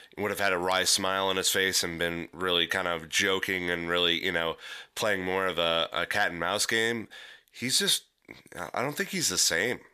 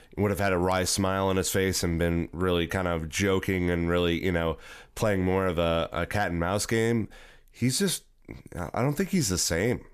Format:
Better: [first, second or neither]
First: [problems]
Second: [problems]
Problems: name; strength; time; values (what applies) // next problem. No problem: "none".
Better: second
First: thin; somewhat; fading below 700 Hz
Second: none